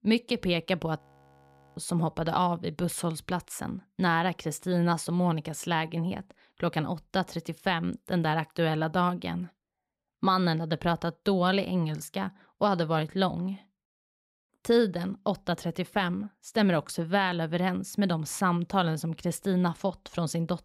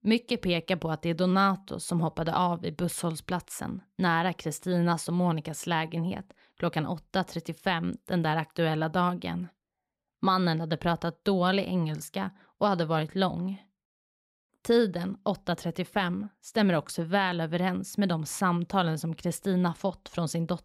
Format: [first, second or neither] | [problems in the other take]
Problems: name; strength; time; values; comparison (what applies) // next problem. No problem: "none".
second | audio freezing; at 1 s for 1 s